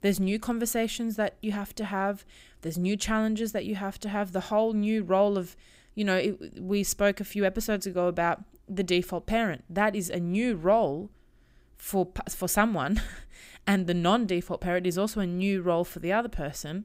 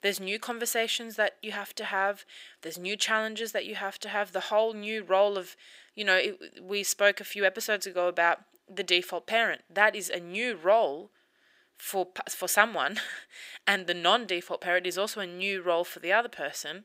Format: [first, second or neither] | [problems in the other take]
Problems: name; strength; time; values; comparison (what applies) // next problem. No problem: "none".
first | thin; very; fading below 500 Hz